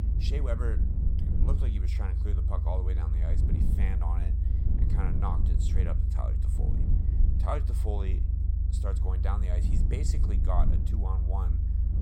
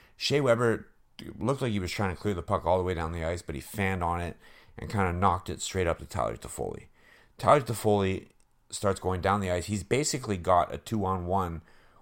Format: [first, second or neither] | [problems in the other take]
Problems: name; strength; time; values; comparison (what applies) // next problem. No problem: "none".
second | low rumble; loud; throughout; 4 dB below the speech